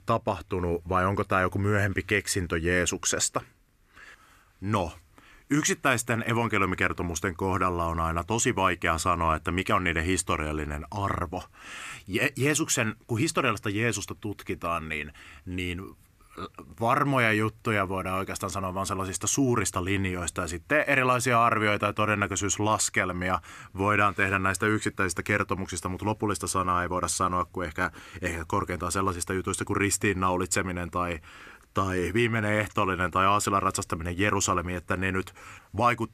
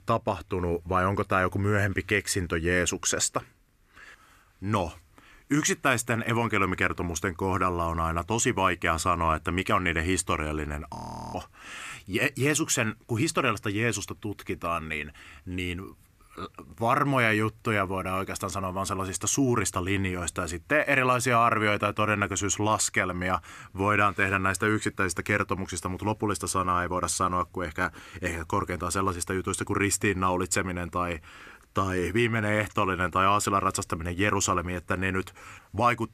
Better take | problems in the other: first | audio freezing; at 11 s

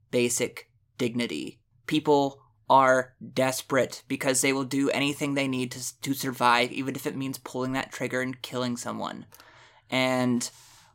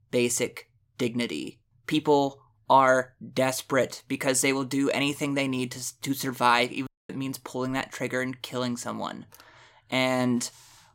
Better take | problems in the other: first | audio cutting out; at 7 s

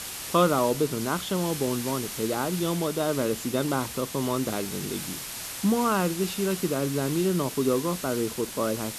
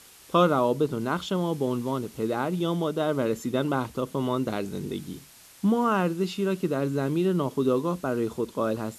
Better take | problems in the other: second | hiss; loud; throughout; 7 dB below the speech; faint in the second

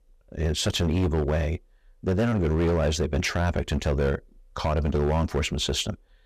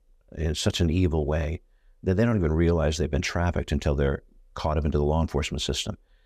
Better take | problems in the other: second | distortion; slight; 13% of the sound clipped

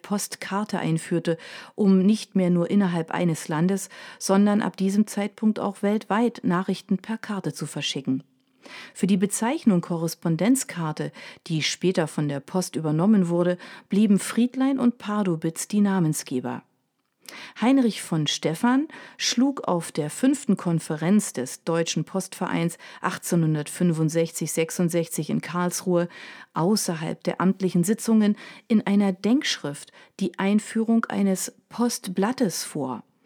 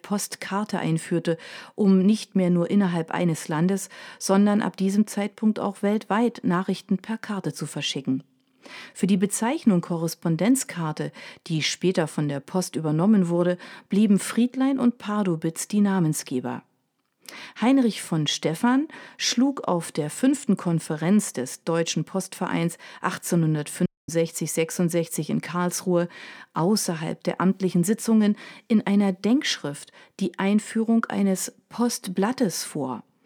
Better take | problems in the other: first | audio cutting out; at 24 s

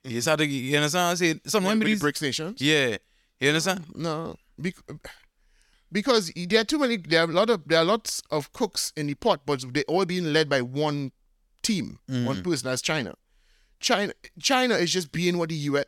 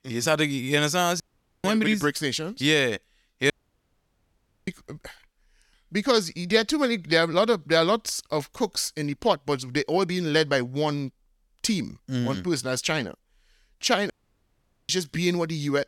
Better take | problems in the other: first | audio cutting out; at 1 s, at 3.5 s for 1 s and at 14 s for 1 s

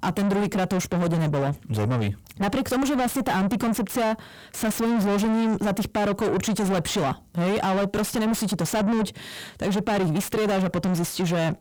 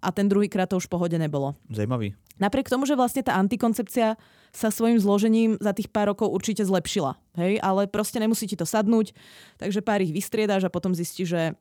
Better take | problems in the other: second | distortion; heavy; 5 dB below the speech

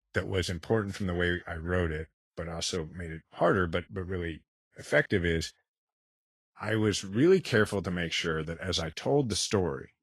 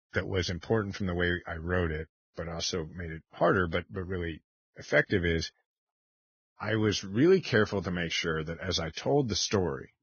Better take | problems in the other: first | garbled, watery; badly; nothing above 6.5 kHz; slightly in the first

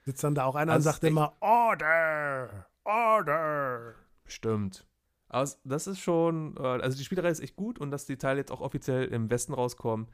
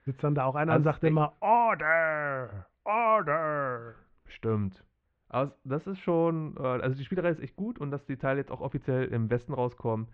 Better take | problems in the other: first | muffled; very; fading above 3 kHz

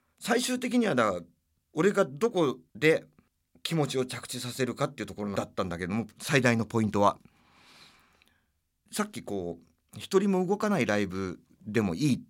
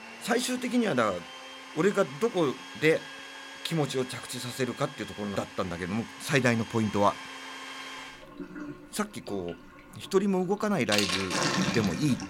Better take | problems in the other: first | household noises; loud; throughout; 7 dB below the speech

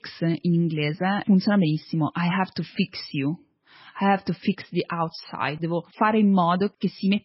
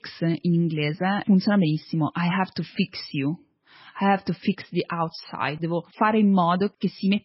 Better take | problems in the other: neither | garbled, watery; badly; nothing above 5.5 kHz; the same in both

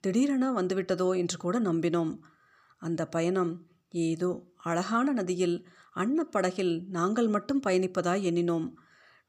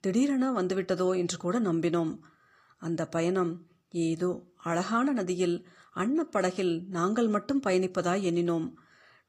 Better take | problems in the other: first | garbled, watery; slightly; nothing above 15 kHz

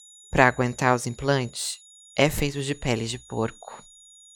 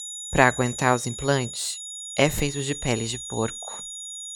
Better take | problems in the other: first | high-pitched whine; loud; throughout; 7 kHz, 9 dB below the speech; faint in the first

